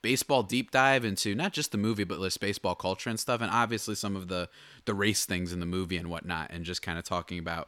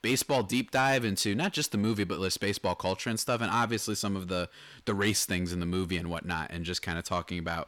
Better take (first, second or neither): first